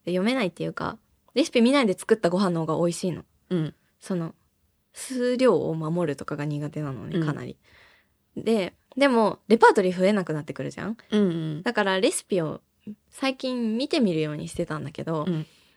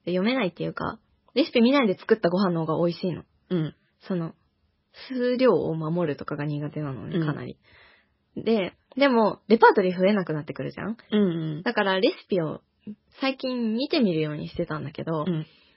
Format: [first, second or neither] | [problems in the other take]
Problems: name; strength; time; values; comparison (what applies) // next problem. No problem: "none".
first | garbled, watery; badly; nothing above 5.5 kHz